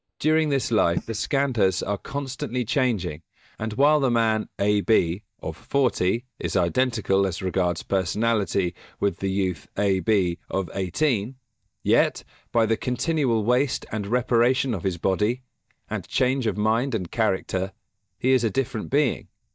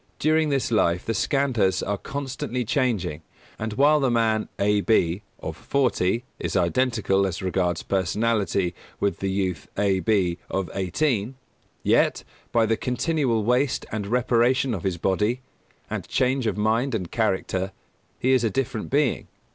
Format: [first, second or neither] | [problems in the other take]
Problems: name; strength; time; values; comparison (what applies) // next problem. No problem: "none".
second | noise reduction (neural mask model DeepFilterNet 3)